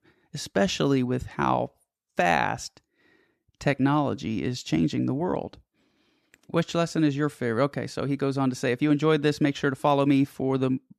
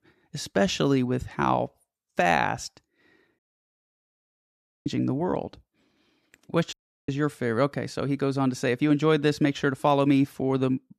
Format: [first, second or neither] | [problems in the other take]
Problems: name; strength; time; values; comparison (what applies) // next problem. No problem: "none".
first | audio cutting out; at 3.5 s for 1.5 s and at 6.5 s